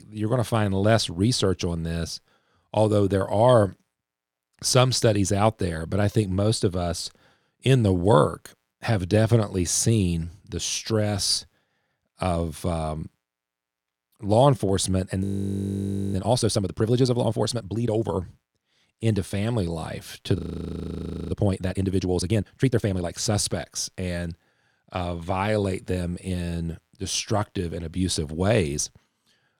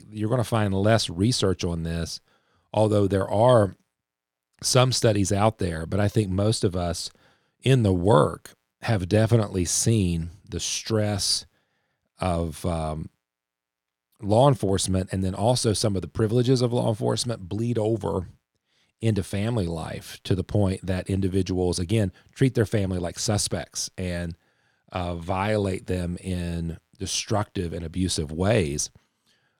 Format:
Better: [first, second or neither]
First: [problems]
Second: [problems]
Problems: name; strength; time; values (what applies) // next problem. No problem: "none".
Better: second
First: audio freezing; at 15 s for 1 s and at 20 s for 1 s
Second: none